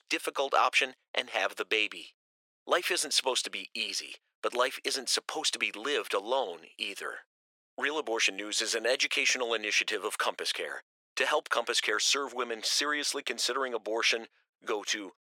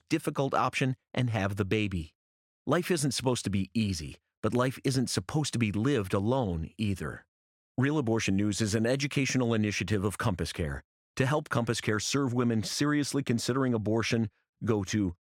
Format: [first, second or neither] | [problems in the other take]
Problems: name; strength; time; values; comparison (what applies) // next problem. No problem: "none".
second | thin; very; fading below 450 Hz